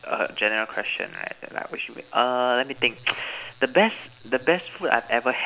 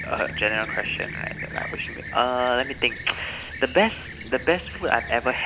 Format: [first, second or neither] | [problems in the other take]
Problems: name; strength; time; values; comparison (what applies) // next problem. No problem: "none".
first | background sound (Fixed-wing aircraft, airplane); 10 dB below the speech